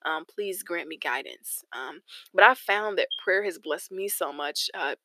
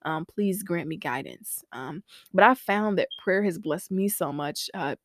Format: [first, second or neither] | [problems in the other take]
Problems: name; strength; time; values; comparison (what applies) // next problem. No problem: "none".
second | thin; very; fading below 400 Hz